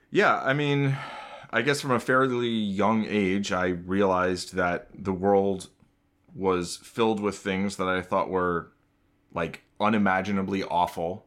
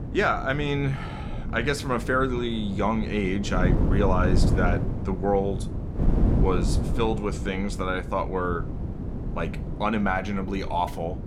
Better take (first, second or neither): first